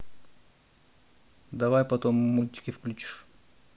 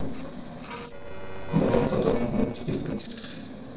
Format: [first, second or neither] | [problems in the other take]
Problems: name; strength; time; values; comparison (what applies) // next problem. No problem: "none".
first | noise reduction (neural separator model SepFormer DNS4)